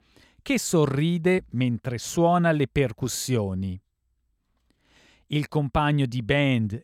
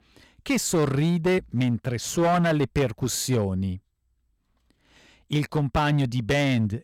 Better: first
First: none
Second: distortion; slight; 8% of the sound clipped

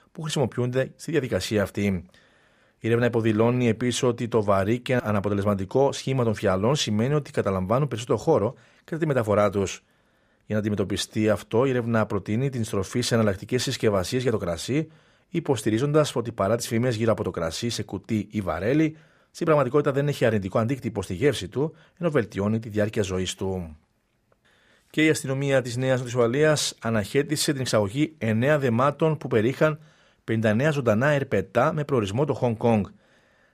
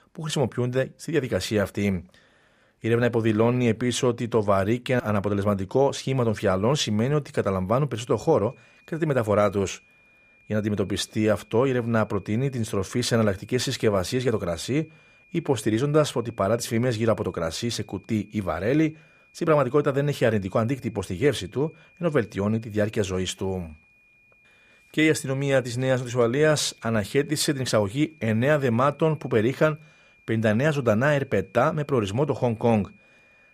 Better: first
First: none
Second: high-pitched whine; faint; from 8 s on; 2.5 kHz, 30 dB below the speech

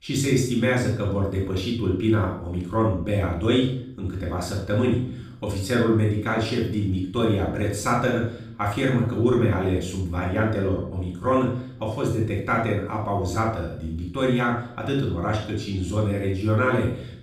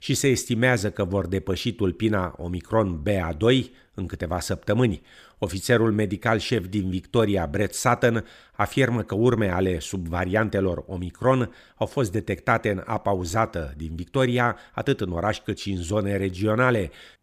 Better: second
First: off-mic speech; far // room echo; noticeable; dies away in 0.5 s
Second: none

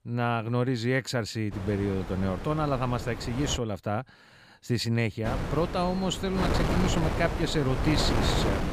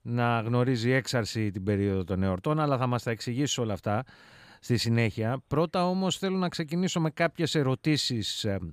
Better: second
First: wind noise on the microphone; heavy; from 1.5 to 3.5 s and from 5.5 s on; 3 dB below the speech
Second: none

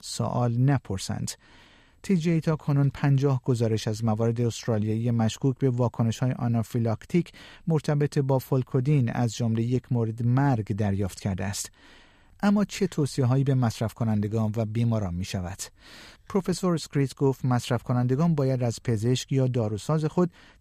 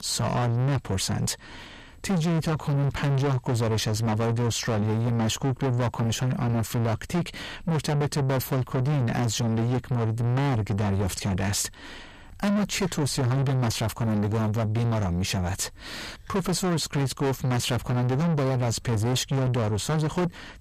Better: first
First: none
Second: distortion; heavy; 6 dB below the speech

